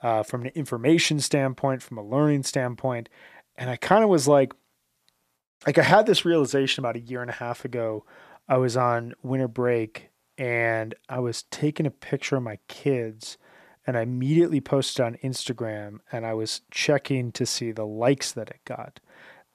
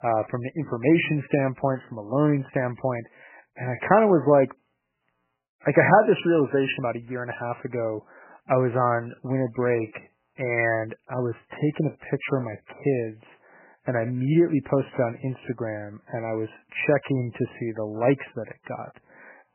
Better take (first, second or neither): first